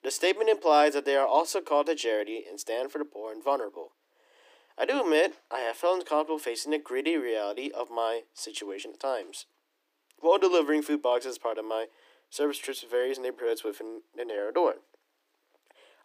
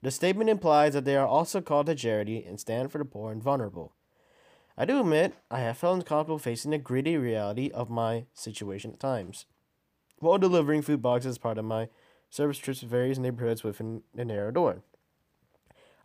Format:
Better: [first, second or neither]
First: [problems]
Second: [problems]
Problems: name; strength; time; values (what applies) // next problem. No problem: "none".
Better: second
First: thin; somewhat; fading below 300 Hz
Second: none